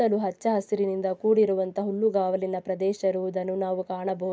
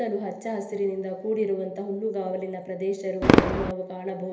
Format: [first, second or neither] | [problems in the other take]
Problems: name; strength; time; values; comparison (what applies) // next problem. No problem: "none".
first | background sound (Fireworks); 1 dB above the speech // room echo; dies away in 1.4 s